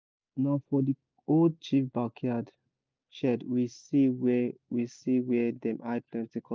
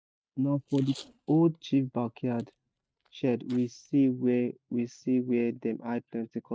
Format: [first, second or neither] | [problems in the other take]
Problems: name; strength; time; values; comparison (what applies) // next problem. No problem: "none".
first | noise reduction (neural mask model RNNoise)